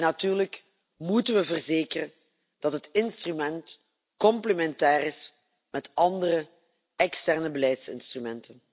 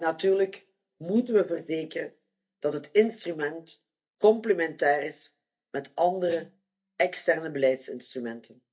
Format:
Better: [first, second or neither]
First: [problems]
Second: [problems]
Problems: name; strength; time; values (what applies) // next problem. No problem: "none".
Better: first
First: none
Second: noise reduction (neural mask model DeepFilterNet 3)